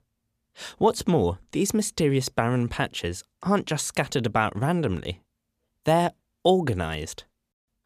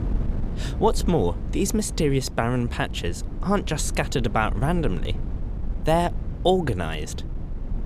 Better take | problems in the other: first | wind noise on the microphone; occasional gusts; 15 dB below the speech

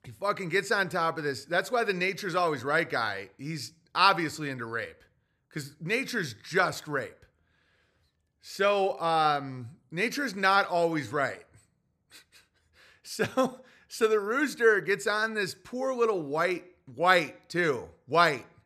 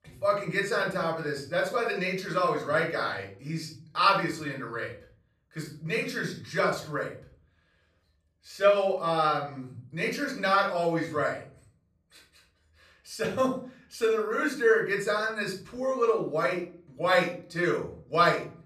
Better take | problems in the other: first | off-mic speech; far // room echo; slight; dies away in 0.4 s

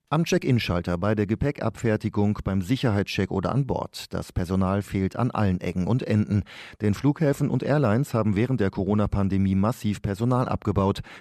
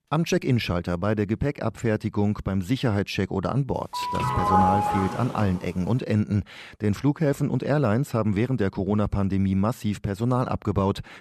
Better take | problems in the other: first | doorbell; loud; from 4 to 5.5 s; peak 4 dB above the speech

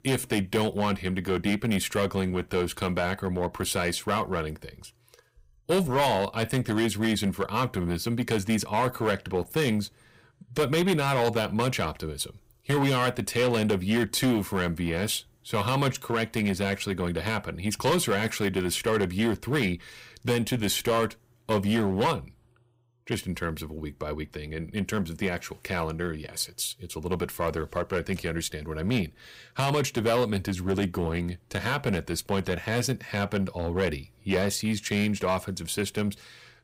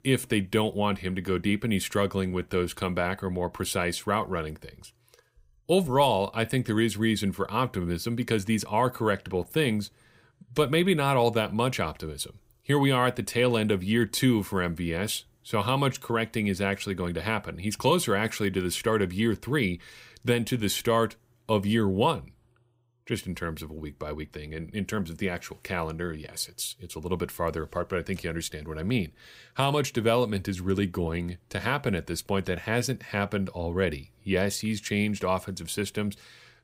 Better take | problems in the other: second | distortion; slight; 6% of the sound clipped

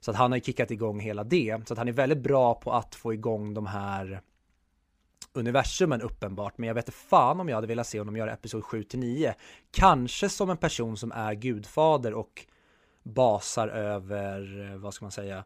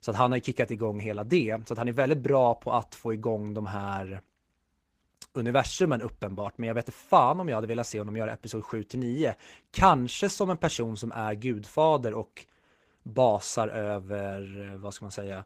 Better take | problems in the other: first | garbled, watery; slightly; nothing above 15 kHz

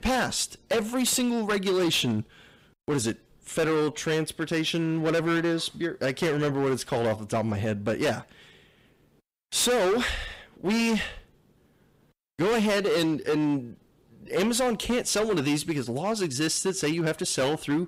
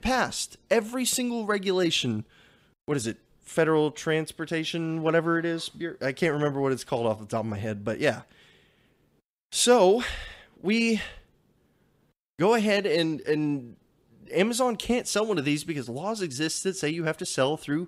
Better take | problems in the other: second | distortion; heavy; 15% of the sound clipped

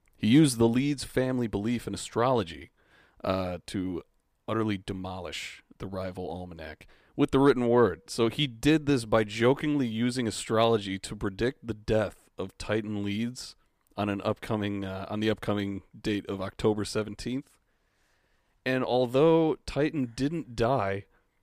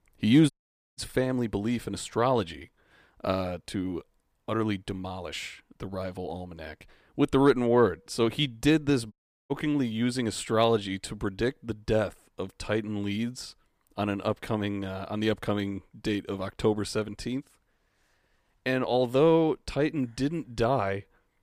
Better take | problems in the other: first | audio cutting out; at 0.5 s and at 9 s

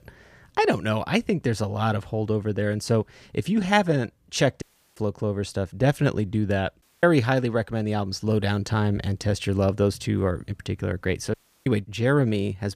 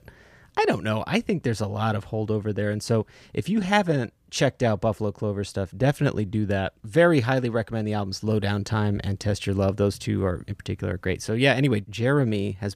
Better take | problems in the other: second | audio cutting out; at 4.5 s, at 7 s and at 11 s

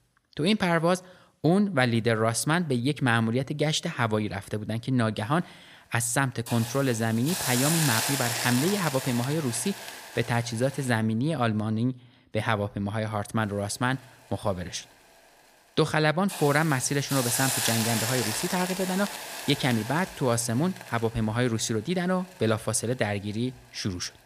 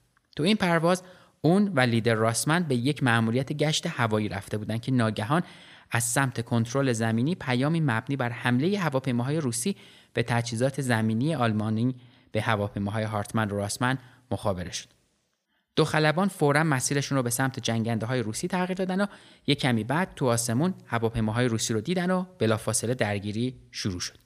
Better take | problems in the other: second | hiss; loud; from 5 to 11 s and from 13 s on; 4 dB below the speech

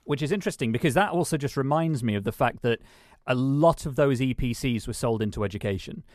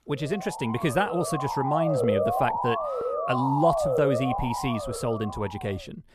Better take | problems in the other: first | siren; loud; until 5.5 s; peak 3 dB above the speech

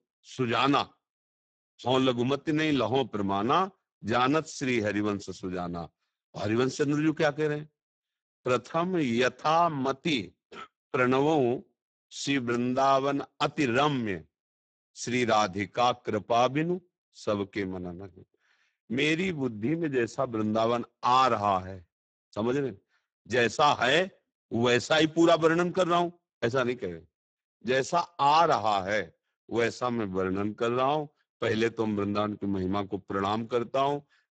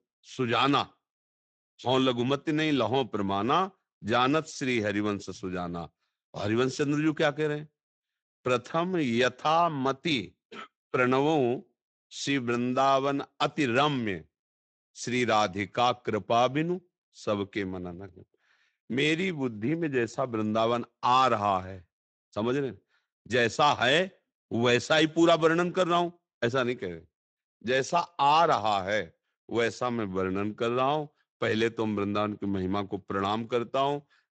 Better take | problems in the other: second | garbled, watery; badly; nothing above 8 kHz; slightly in the second

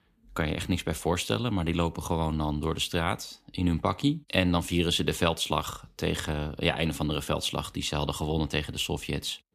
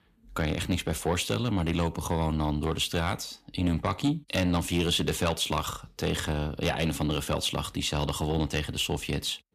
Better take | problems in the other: first | distortion; slight; 10 dB below the speech

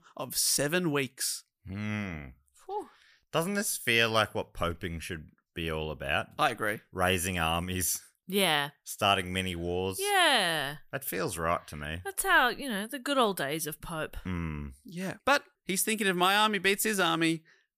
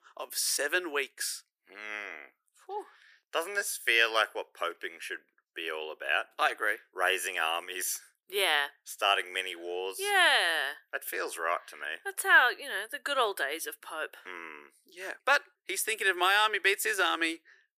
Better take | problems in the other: first | thin; very; fading below 350 Hz

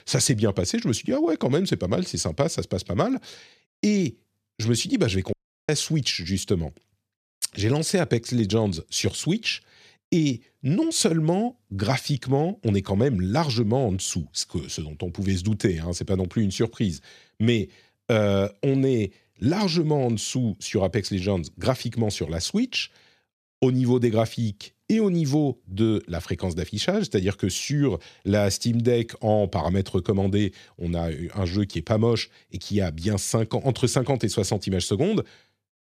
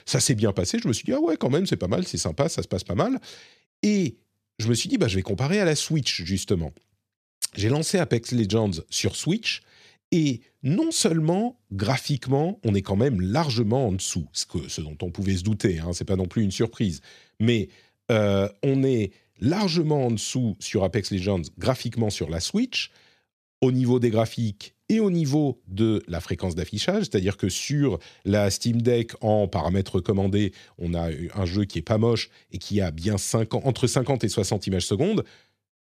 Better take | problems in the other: second | audio cutting out; at 5.5 s

